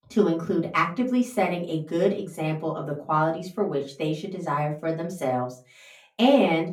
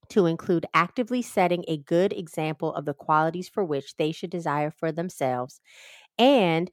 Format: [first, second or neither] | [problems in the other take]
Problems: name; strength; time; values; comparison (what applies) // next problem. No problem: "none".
second | off-mic speech; far // room echo; very slight; dies away in 0.3 s